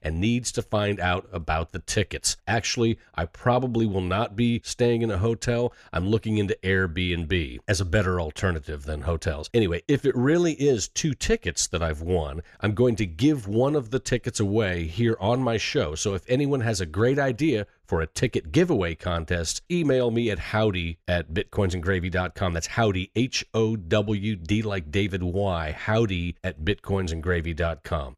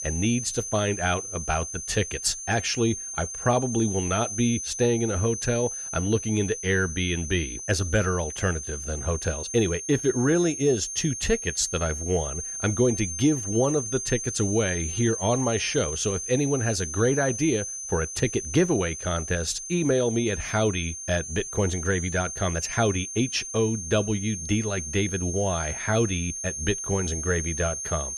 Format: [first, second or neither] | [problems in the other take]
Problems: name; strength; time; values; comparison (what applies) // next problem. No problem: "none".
first | high-pitched whine; loud; throughout; 6.5 kHz, 6 dB below the speech